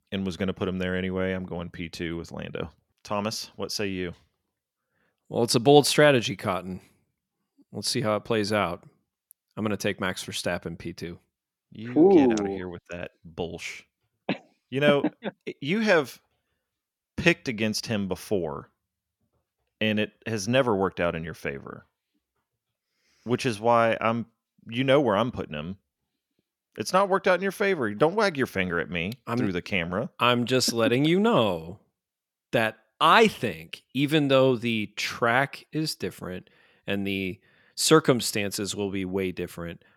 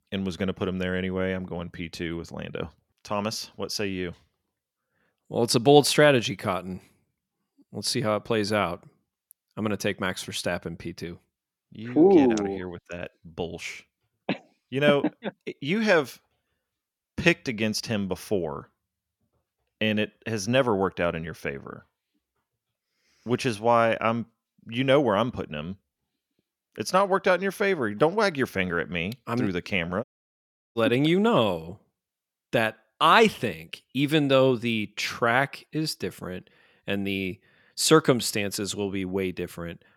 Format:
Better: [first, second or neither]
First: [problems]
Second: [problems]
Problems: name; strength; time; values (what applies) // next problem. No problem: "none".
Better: first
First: none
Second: audio cutting out; at 30 s for 0.5 s